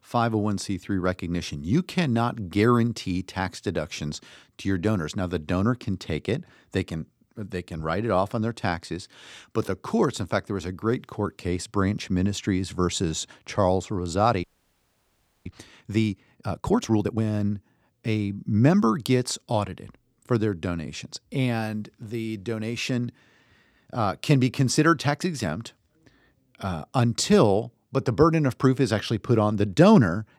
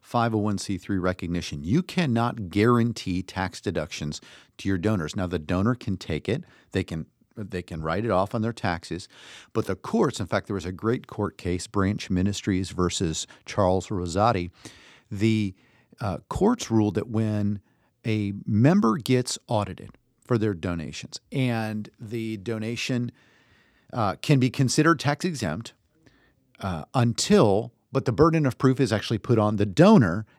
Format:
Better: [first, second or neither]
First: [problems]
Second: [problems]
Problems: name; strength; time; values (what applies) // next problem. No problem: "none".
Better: second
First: audio freezing; at 14 s for 1 s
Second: none